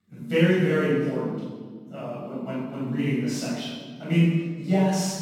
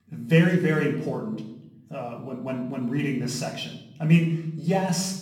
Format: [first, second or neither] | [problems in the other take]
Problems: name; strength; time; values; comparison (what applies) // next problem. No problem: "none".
second | room echo; strong; dies away in 1.3 s; slight in the second // off-mic speech; far; somewhat distant in the second